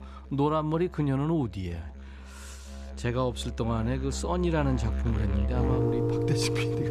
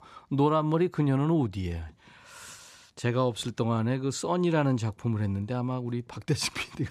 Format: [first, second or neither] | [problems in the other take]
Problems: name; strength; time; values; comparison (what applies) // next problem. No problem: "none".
second | background music; loud; throughout; 1 dB below the speech